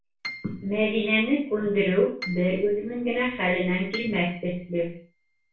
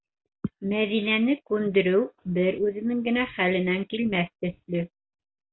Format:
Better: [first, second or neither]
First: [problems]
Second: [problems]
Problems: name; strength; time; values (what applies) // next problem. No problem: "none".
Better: second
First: background sound (Piano); 18 dB below the speech // room echo; dies away in 0.4 s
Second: none